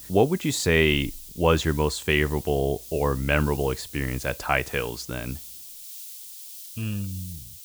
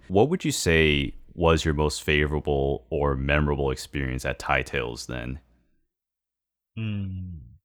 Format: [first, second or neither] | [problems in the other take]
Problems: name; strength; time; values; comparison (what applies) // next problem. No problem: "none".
second | hiss; noticeable; throughout; 15 dB below the speech